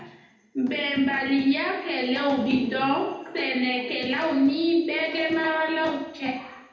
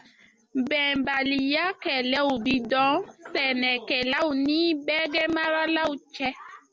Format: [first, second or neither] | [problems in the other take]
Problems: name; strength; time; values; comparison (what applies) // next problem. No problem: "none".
second | room echo; dies away in 0.8 s